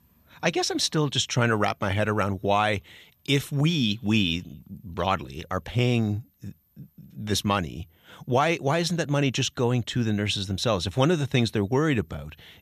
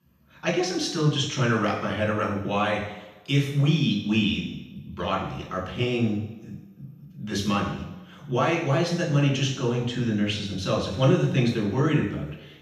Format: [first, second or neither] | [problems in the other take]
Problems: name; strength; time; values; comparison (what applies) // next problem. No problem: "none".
first | room echo; noticeable; dies away in 0.9 s // off-mic speech; far